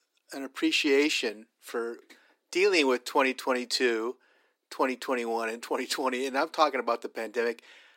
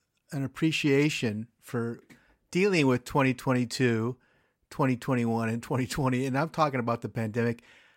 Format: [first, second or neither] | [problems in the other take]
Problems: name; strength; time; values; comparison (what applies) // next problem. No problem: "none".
second | thin; somewhat; fading below 300 Hz